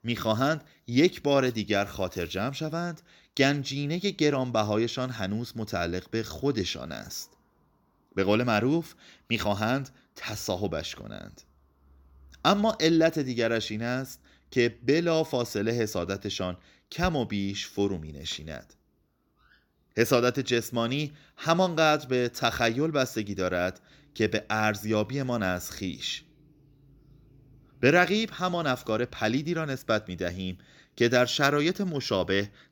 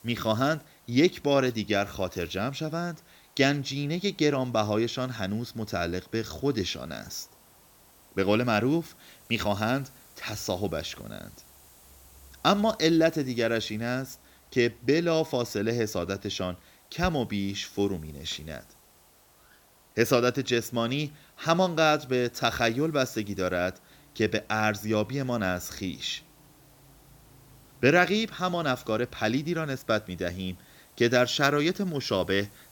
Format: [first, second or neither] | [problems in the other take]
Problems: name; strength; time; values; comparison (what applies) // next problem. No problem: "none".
first | hiss; faint; throughout; 30 dB below the speech